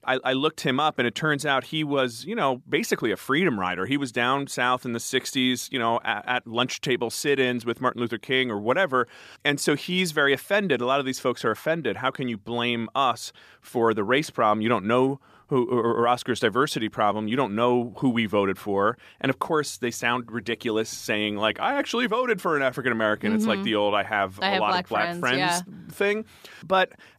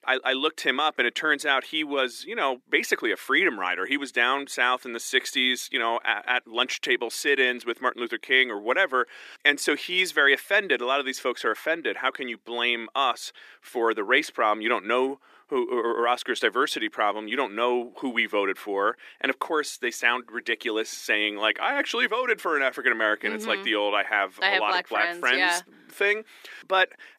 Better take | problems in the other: first | thin; somewhat; fading below 300 Hz

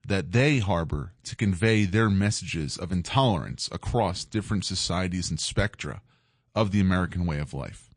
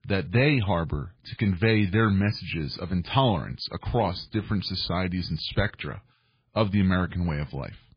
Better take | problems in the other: first | garbled, watery; badly; slightly in the first

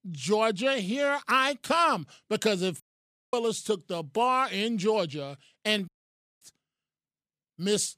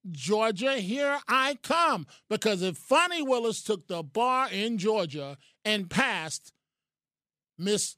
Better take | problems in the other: second | audio cutting out; at 3 s for 0.5 s and at 6 s for 0.5 s

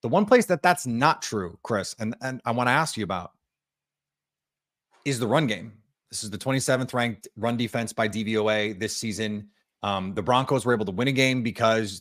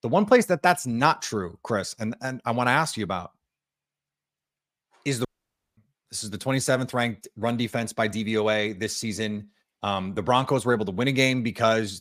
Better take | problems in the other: first | audio cutting out; at 5.5 s for 0.5 s

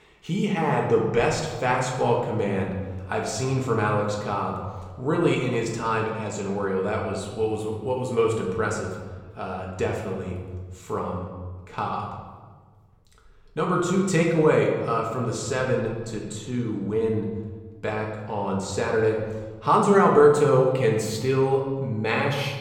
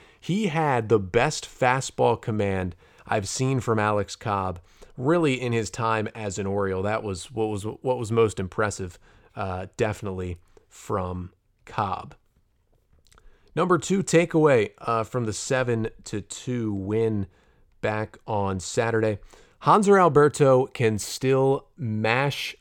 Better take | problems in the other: second | room echo; noticeable; dies away in 1.2 s // off-mic speech; somewhat distant

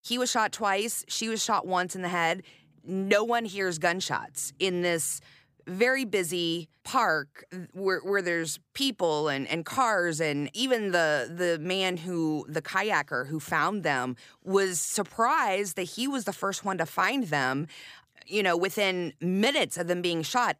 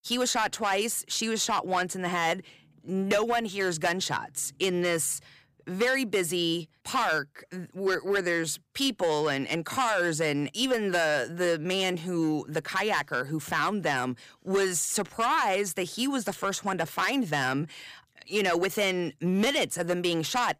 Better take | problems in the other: first | distortion; slight; 5% of the sound clipped

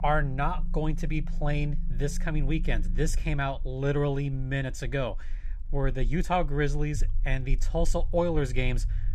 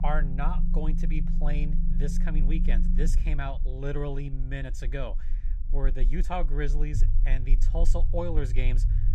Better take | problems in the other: first | low rumble; loud; throughout; 9 dB below the speech; faint in the first

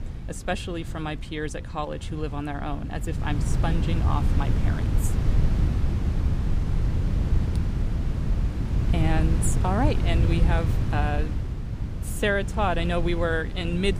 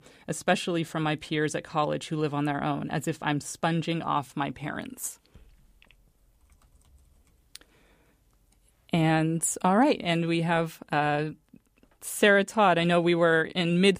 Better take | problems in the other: second | wind noise on the microphone; heavy; 8 dB below the speech

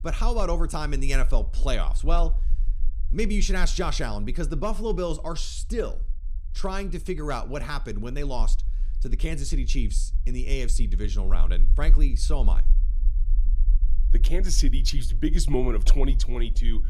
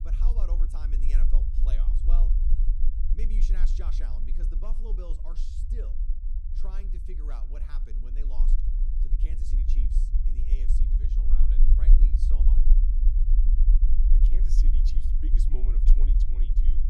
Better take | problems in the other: first | low rumble; loud; throughout; as loud as the speech; faint in the first

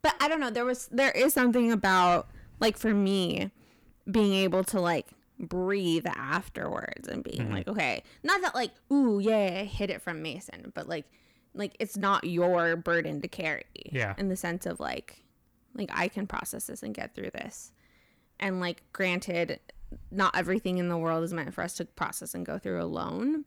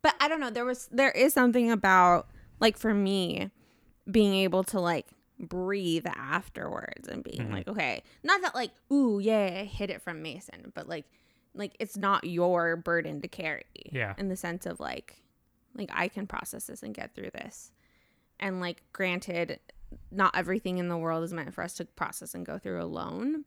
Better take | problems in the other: second | distortion; slight; 10 dB below the speech

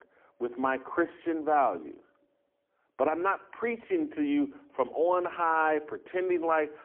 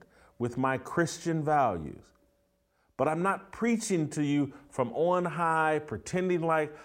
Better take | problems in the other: second | phone-call audio; poor line

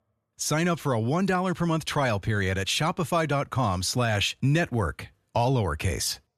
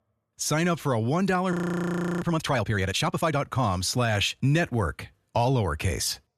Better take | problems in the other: first | audio freezing; at 1.5 s for 0.5 s

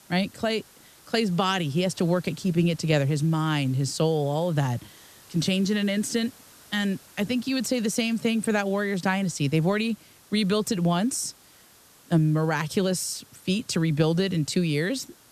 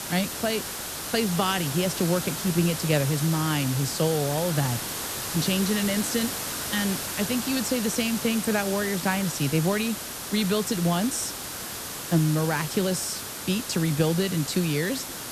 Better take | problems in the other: first | hiss; loud; throughout; 5 dB below the speech; faint in the first

